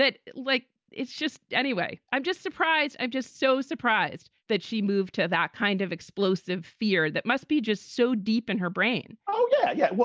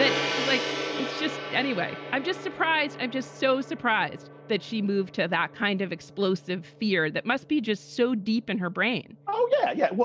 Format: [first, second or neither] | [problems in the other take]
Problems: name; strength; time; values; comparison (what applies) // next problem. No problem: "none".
first | background sound (Gong); 9 dB below the speech